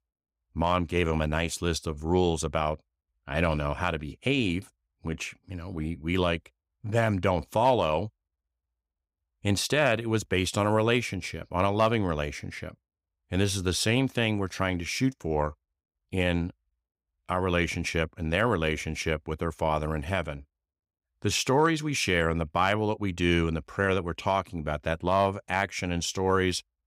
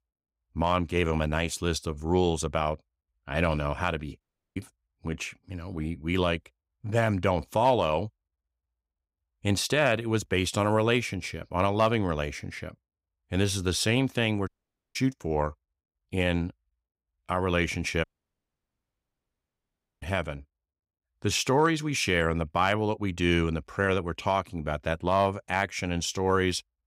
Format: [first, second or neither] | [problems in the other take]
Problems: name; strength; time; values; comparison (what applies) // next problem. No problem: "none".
first | audio cutting out; at 4 s, at 14 s and at 18 s for 2 s